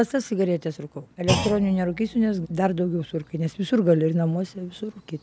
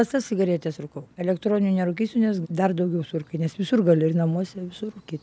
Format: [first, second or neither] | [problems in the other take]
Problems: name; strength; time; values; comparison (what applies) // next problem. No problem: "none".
second | background sound (Thump, thud); 11 dB below the speech